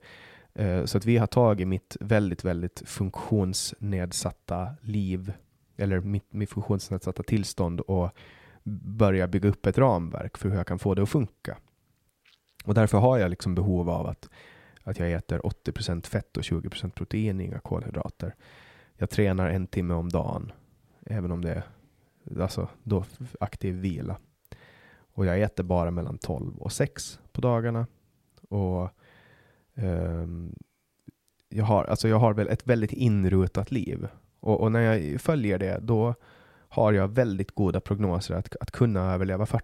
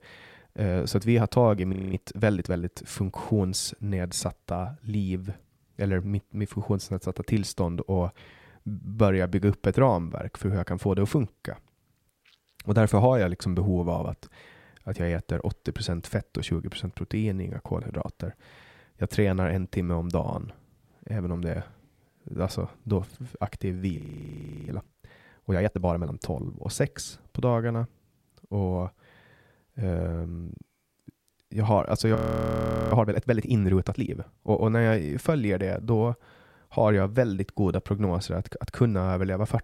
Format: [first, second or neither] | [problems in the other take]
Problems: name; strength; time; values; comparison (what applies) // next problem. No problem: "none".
first | audio freezing; at 1.5 s, at 24 s for 0.5 s and at 32 s for 1 s